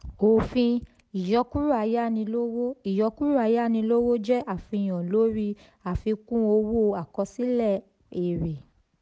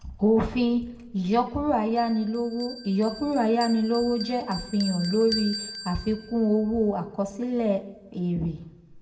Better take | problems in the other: first | background sound (Bell); 15 dB below the speech // room echo; dies away in 0.6 s

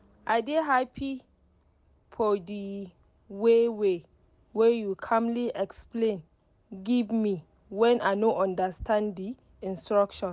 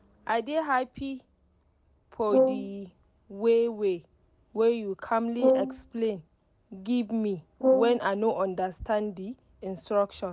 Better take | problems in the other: first | background sound (Brass instrument); as loud as the speech

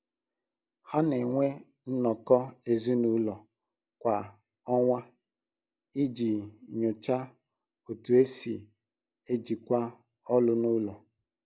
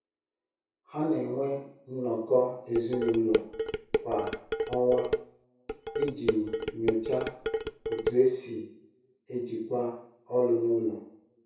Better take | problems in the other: first | background sound (Dishes, pots, and pans); 2 dB below the speech // room echo; dies away in 0.6 s

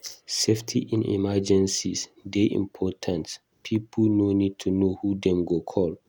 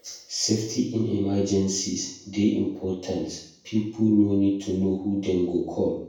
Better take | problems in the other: first | room echo; dies away in 0.6 s

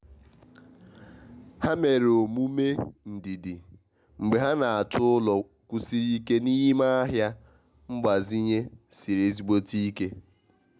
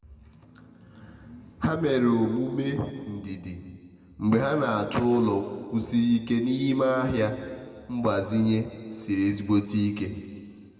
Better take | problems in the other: first | room echo; dies away in 2 s

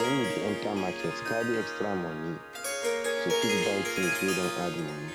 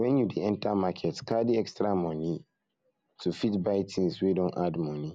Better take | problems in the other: second | background sound (Harp); as loud as the speech

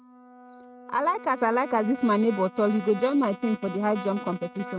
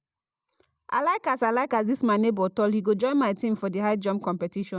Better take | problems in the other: second | noise reduction (neural mask model RNNoise)

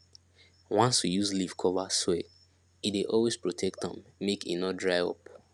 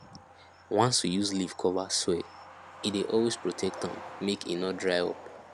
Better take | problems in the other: first | background sound (Truck); 16 dB below the speech

